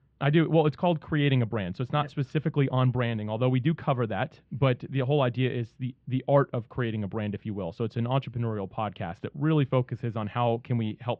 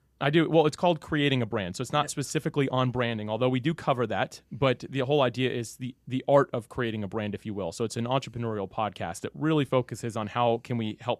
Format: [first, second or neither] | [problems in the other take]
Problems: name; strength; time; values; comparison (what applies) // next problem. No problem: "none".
second | muffled; very; fading above 3.5 kHz